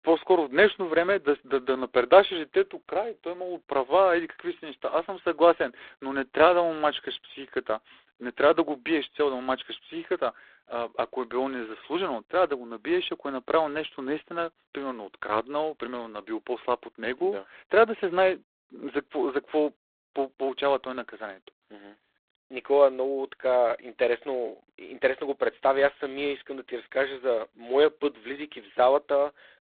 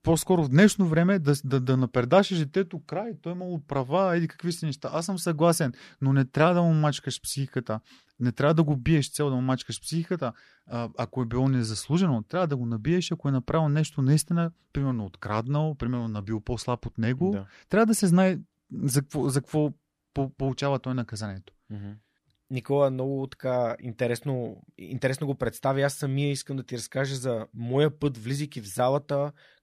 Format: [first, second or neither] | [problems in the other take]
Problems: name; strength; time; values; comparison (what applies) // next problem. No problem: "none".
second | phone-call audio; poor line; nothing above 3.5 kHz